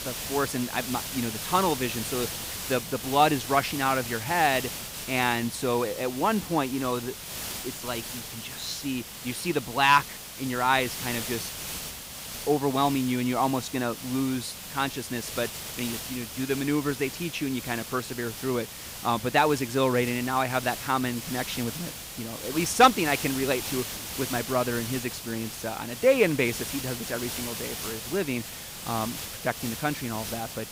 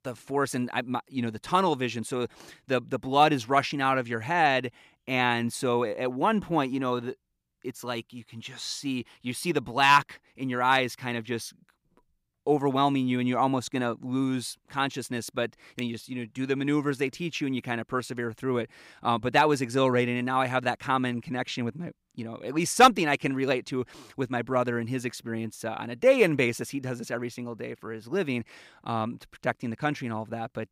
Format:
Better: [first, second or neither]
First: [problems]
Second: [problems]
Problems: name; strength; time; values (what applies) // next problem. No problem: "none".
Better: second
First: hiss; loud; throughout; 7 dB below the speech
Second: none